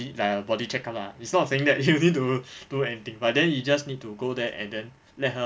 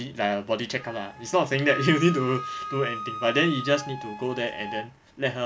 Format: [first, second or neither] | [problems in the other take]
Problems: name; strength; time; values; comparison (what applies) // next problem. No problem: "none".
first | background sound (Wind instrument, woodwind instrument); 11 dB below the speech